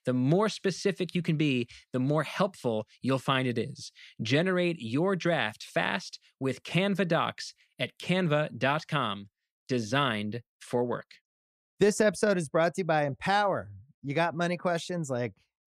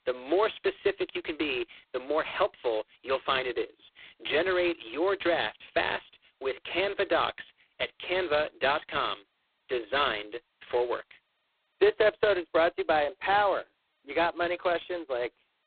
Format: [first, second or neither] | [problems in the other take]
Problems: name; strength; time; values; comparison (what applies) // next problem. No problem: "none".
first | phone-call audio; poor line; nothing above 4 kHz